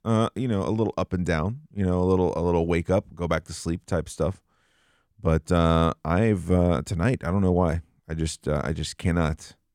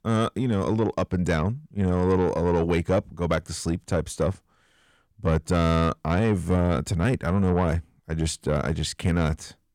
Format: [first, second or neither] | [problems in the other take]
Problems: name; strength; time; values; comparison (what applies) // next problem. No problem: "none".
first | distortion; slight; 10 dB below the speech